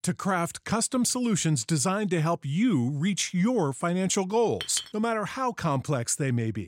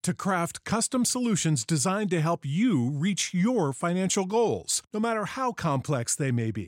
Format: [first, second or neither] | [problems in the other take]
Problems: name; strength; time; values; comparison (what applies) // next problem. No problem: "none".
second | clattering dishes; noticeable; at 4.5 s; peak 8 dB below the speech